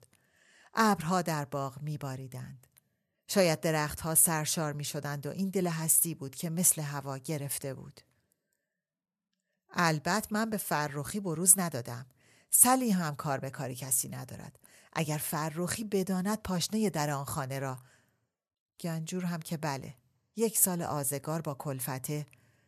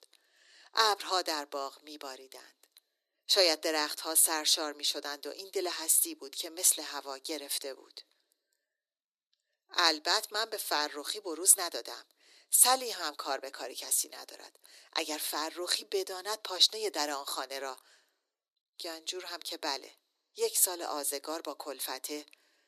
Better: first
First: none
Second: thin; very; fading below 300 Hz

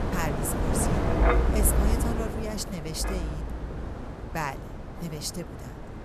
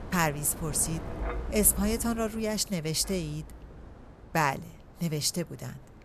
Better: second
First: wind noise on the microphone; heavy; 3 dB above the speech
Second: wind noise on the microphone; occasional gusts; 15 dB below the speech

